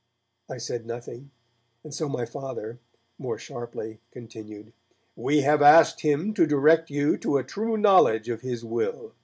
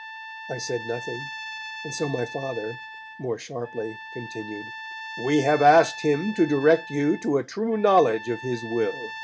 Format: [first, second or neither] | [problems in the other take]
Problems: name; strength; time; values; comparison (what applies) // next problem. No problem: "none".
first | background sound (Trumpet); 13 dB below the speech